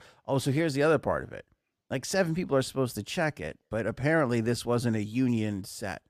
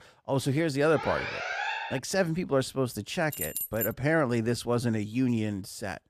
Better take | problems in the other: first | alarm; noticeable; from 1 to 2 s; peak 2 dB below the speech // jangling keys; noticeable; at 3.5 s; peak 3 dB below the speech

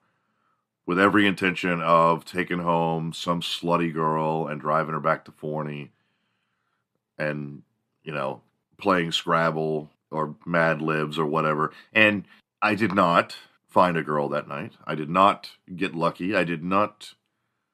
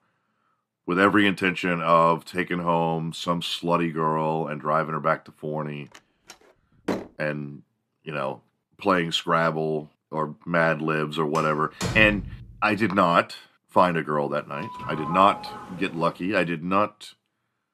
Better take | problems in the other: first | door banging; noticeable; from 6 to 7 s and from 11 to 13 s; peak 5 dB below the speech // doorbell; noticeable; from 15 to 16 s; peak 8 dB below the speech

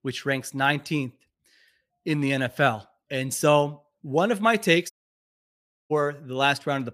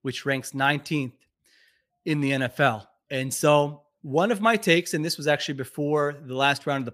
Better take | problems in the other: second | audio cutting out; at 5 s for 1 s

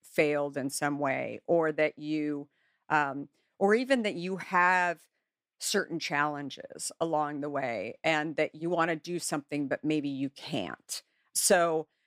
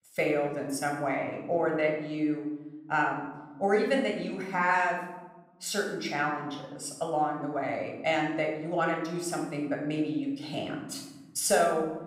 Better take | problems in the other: first | room echo; noticeable; dies away in 1 s // off-mic speech; somewhat distant

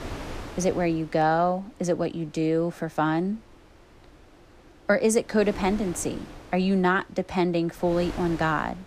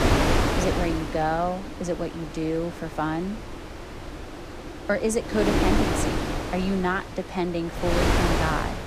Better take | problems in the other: first | wind noise on the microphone; heavy; as loud as the speech; occasional gusts in the first

